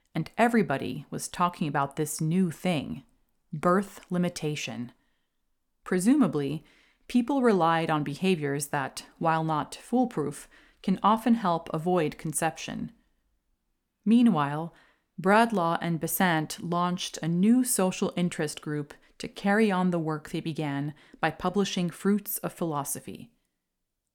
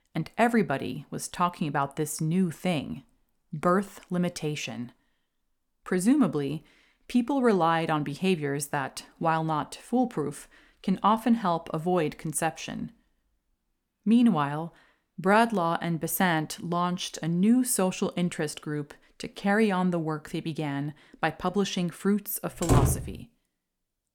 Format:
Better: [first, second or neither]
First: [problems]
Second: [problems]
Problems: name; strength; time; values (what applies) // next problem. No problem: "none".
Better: first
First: none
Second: door banging; loud; at 23 s; peak 4 dB above the speech